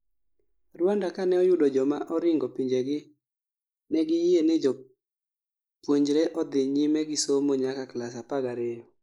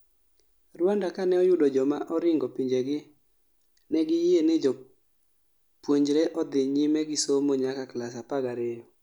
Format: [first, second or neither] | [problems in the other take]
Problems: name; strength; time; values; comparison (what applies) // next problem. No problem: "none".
second | noise reduction (neural mask model Resemble Enhance denoiser)